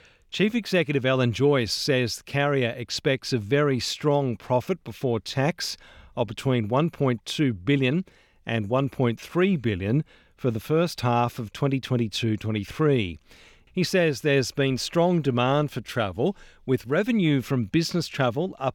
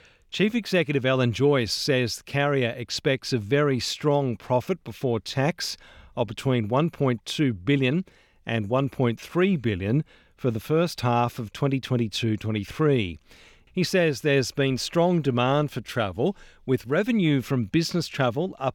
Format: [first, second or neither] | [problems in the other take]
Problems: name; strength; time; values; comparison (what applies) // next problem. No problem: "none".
neither | none